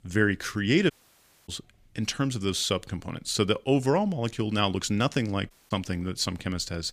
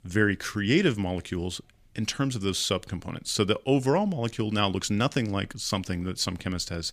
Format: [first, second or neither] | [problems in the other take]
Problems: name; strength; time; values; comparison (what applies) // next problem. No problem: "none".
second | audio cutting out; at 1 s for 0.5 s and at 5.5 s